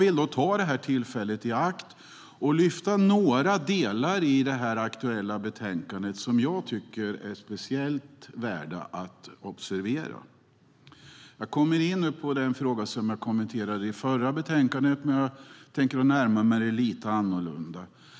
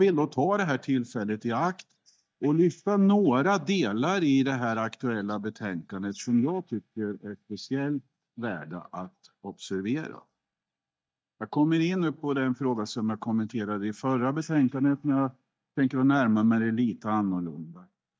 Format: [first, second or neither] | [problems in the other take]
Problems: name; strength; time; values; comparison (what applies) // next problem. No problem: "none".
first | noise reduction (neural mask model DeepFilterNet 3)